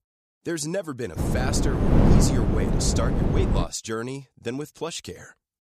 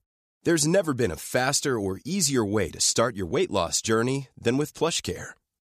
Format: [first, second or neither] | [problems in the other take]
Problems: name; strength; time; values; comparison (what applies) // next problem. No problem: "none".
second | wind noise on the microphone; heavy; from 1 to 3.5 s; 2 dB above the speech